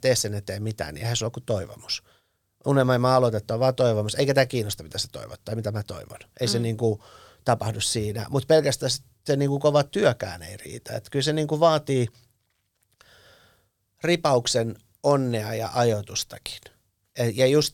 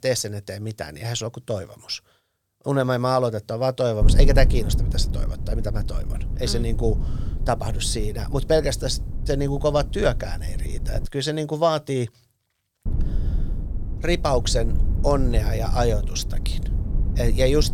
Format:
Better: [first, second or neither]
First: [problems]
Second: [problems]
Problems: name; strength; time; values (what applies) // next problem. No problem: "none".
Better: first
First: none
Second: wind noise on the microphone; occasional gusts; from 4 to 11 s and from 13 s on; 15 dB below the speech